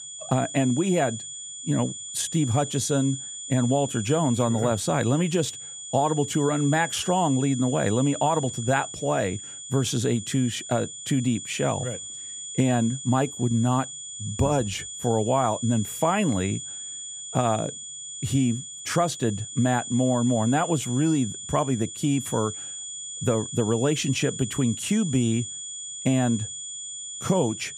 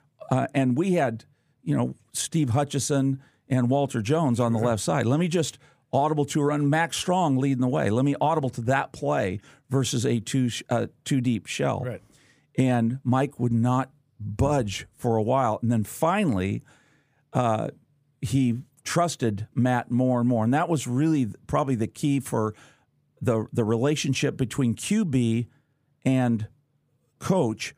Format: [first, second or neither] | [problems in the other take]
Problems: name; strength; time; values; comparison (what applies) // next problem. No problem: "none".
second | high-pitched whine; loud; throughout; 7 kHz, 9 dB below the speech